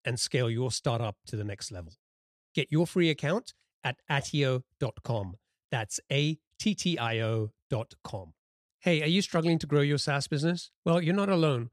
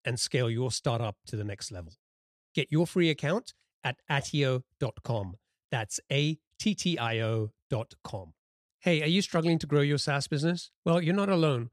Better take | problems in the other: neither | none

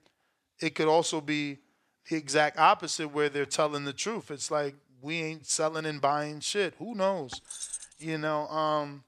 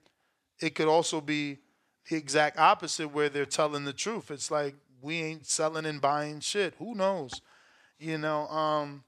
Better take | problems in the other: second | jangling keys; noticeable; at 7.5 s; peak 8 dB below the speech

